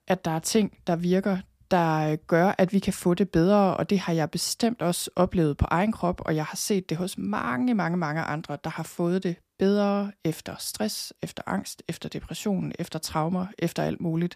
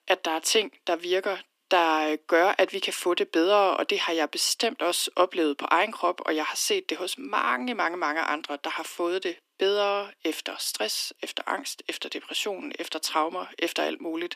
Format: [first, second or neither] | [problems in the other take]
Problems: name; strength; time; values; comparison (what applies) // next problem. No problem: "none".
first | thin; very; fading below 300 Hz